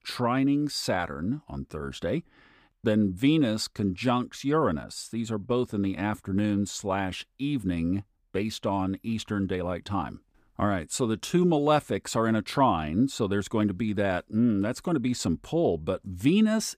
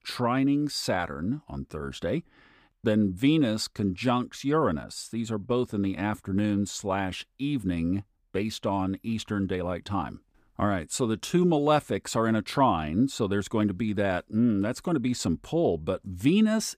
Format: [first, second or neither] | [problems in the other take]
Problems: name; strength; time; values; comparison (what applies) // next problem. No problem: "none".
neither | none